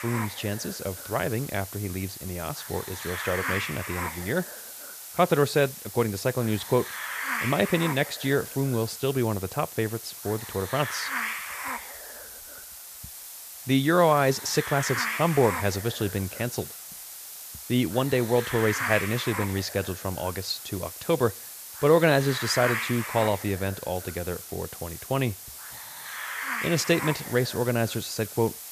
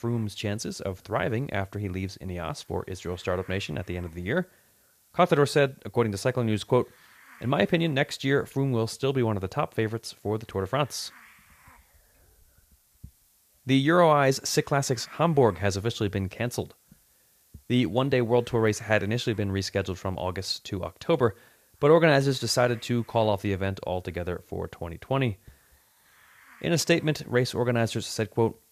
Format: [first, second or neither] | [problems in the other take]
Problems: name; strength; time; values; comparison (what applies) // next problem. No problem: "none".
second | hiss; loud; throughout; 7 dB below the speech; faint in the second